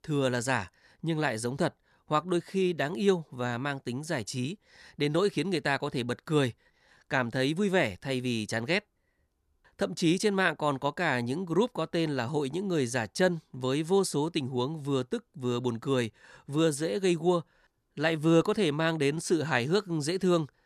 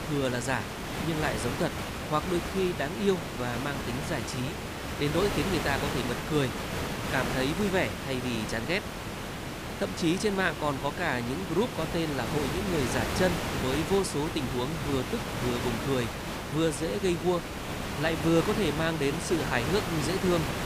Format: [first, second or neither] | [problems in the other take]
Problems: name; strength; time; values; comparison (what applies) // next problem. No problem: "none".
first | hiss; loud; throughout; 3 dB below the speech